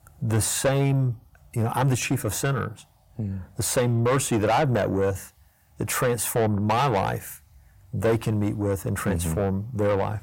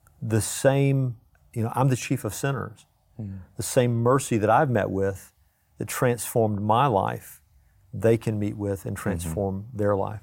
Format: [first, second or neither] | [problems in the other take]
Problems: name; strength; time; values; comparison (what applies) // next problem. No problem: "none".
second | distortion; heavy; 7 dB below the speech